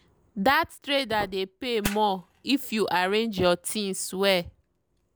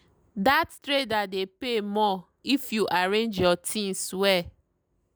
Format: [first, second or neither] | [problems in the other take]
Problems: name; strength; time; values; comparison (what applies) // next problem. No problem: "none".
second | background sound (Fire); 17 dB below the speech